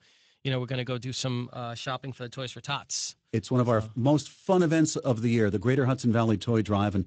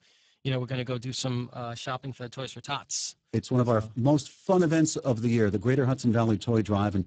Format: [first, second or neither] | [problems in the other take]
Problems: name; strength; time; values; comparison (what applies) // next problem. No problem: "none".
first | garbled, watery; badly; nothing above 7.5 kHz; slightly in the first